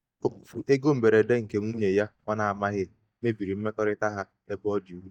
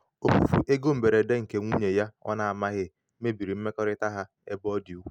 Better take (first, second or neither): second